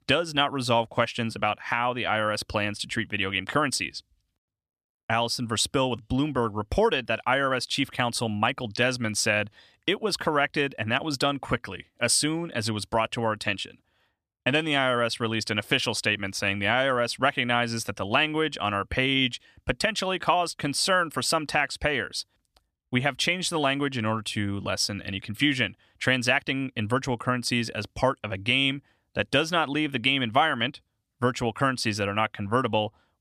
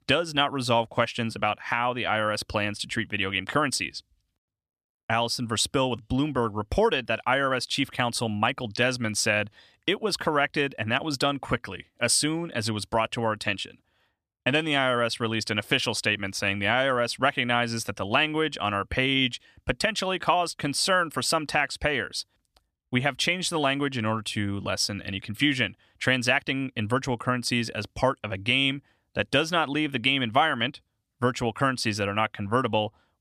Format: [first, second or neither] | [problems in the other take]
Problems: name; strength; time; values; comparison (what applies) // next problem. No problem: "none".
neither | none